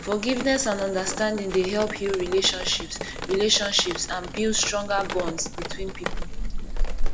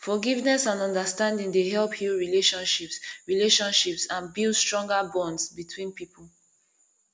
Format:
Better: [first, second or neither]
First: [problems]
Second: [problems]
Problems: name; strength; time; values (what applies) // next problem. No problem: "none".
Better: second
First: background sound (Drip); 2 dB below the speech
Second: none